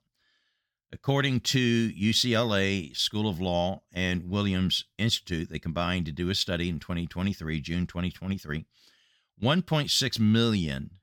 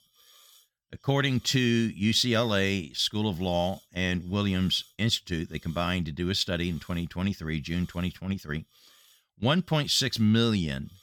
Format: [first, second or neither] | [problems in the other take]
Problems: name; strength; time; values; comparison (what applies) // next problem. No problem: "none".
first | hiss; faint; throughout; 30 dB below the speech